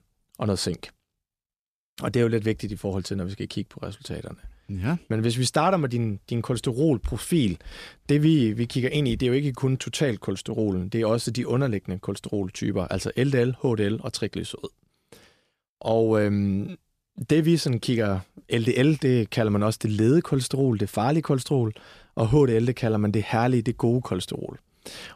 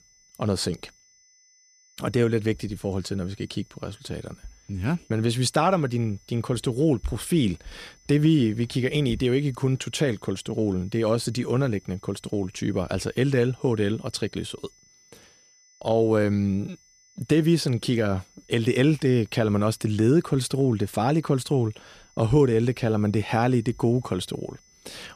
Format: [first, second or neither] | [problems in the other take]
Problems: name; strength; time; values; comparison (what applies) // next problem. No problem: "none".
first | high-pitched whine; faint; throughout; 6 kHz, 30 dB below the speech